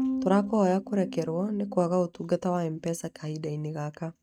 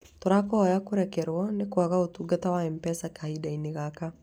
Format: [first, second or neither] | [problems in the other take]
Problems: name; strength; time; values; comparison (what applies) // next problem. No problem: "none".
second | noise reduction (neural mask model RNNoise)